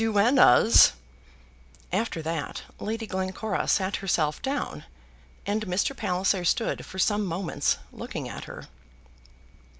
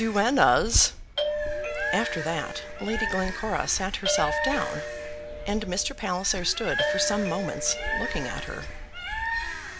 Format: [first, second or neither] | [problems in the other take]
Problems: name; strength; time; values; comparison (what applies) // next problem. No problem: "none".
first | background sound (Doorbell + Bird); 3 dB below the speech